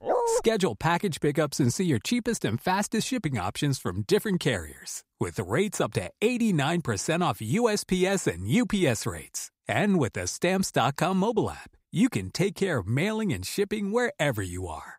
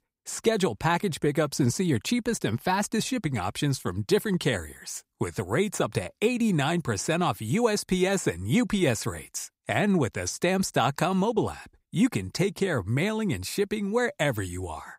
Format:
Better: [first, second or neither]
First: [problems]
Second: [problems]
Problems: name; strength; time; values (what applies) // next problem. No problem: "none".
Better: second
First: dog barking; loud; at the start; peak 1 dB above the speech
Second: none